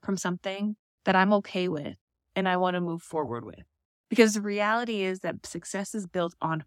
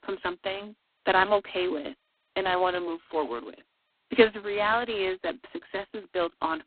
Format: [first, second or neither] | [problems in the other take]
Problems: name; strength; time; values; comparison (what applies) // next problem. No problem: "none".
first | phone-call audio; poor line; nothing above 4 kHz